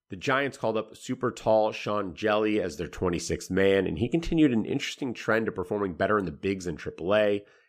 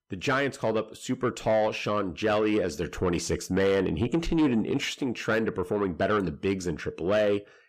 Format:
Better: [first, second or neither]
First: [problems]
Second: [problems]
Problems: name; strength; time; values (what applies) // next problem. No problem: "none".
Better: first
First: none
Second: distortion; slight; 10 dB below the speech